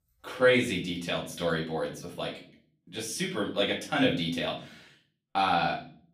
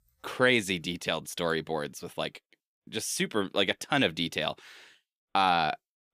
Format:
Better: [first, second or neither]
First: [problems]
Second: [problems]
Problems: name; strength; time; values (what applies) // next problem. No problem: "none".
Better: second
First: off-mic speech; far // room echo; slight; dies away in 0.5 s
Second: none